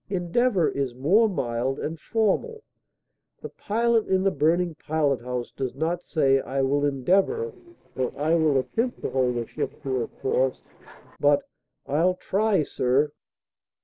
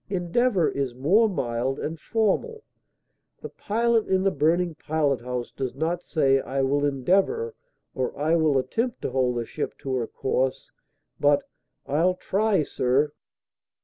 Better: second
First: noise reduction (neural separator model SepFormer DNS4)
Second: none

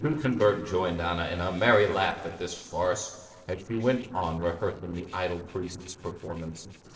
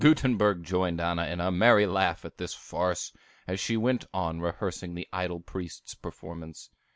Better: second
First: noise reduction (neural separator model SepFormer DNS4)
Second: none

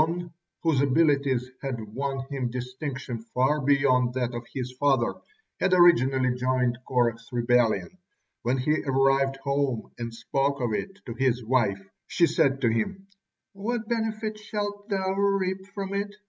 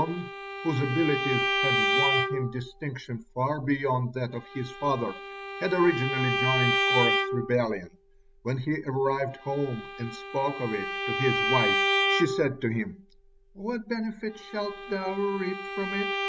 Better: first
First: none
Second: background sound (Bowed string instrument); 1 dB below the speech

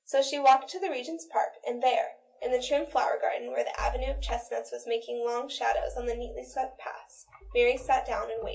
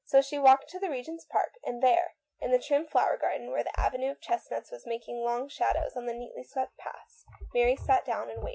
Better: second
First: room echo; dies away in 0.2 s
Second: none

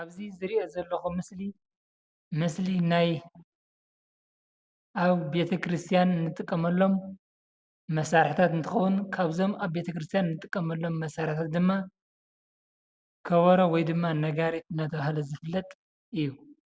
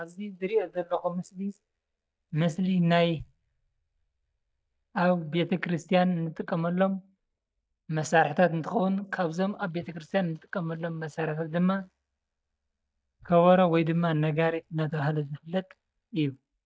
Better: first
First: none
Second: noise reduction (neural mask model DeepFilterNet 3)

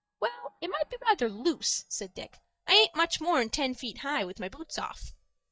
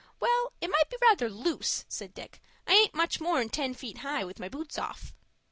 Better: second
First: noise reduction (neural mask model DeepFilterNet 3)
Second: none

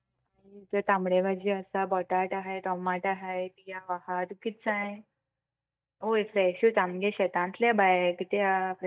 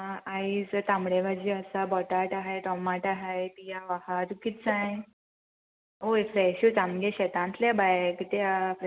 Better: second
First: noise reduction (neural mask model DeepFilterNet 3)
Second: none

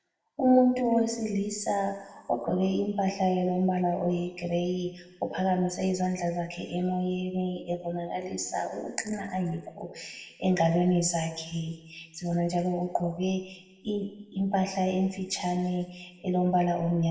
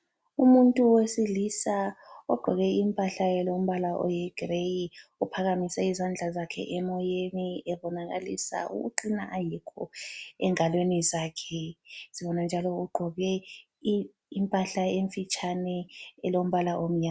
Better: second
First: room echo; dies away in 1 s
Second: none

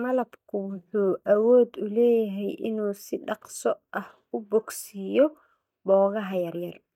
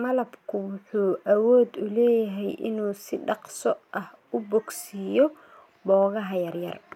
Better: second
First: noise reduction (neural mask model DeepFilterNet 3)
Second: none

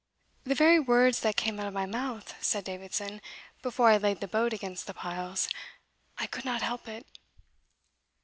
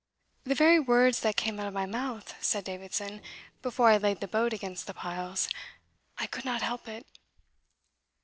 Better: first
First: none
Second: noise reduction (neural separator model SepFormer DNS4)

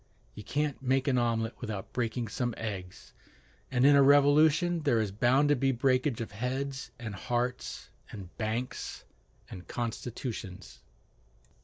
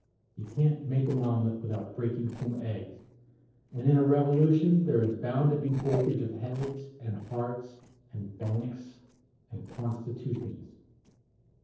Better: first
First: none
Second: noise reduction (neural separator model SepFormer DNS4)

